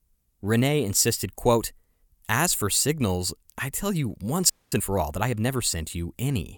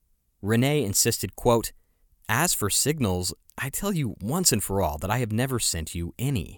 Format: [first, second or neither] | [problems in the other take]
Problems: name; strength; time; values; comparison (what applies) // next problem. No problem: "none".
second | audio freezing; at 4.5 s